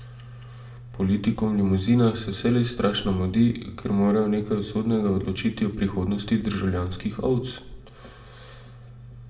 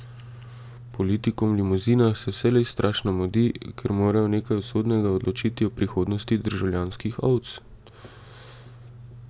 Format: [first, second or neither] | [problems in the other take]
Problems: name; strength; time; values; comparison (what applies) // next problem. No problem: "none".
second | room echo; dies away in 0.6 s